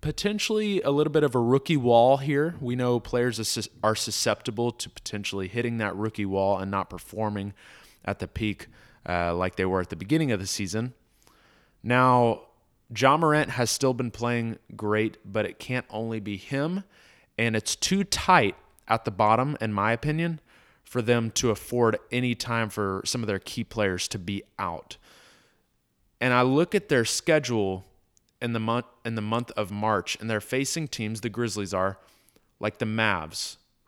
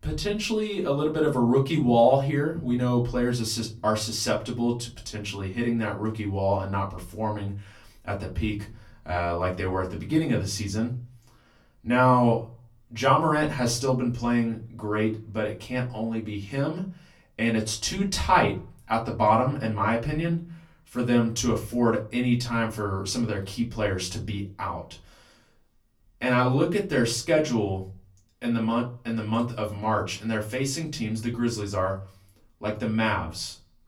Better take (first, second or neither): first